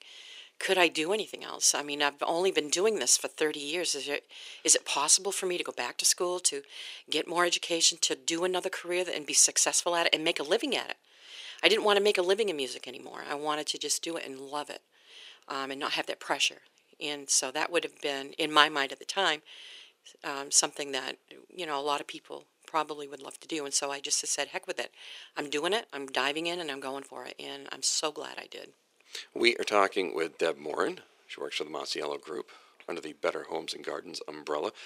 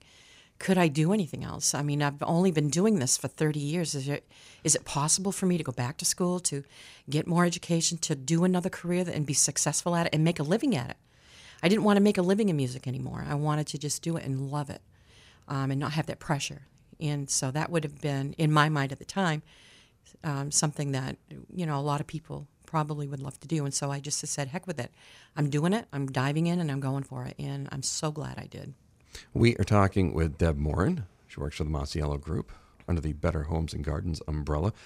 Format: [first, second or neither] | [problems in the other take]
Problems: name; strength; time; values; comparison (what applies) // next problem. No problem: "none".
second | thin; very; fading below 350 Hz